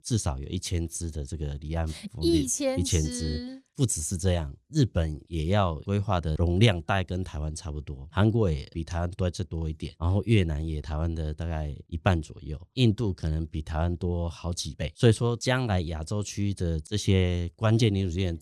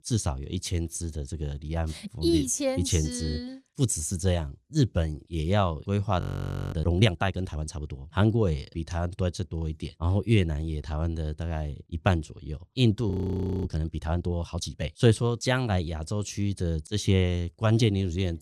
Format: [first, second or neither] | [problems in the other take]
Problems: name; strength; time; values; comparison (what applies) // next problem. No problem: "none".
first | audio freezing; at 6 s for 0.5 s and at 13 s for 0.5 s